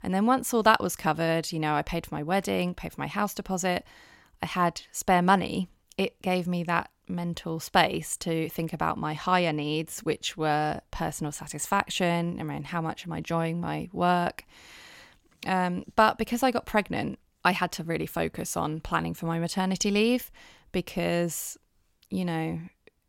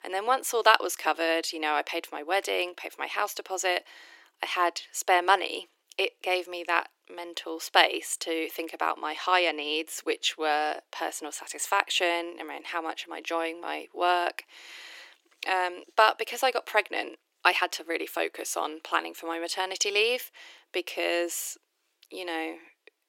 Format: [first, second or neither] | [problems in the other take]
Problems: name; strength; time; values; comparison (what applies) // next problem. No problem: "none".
first | thin; very; fading below 350 Hz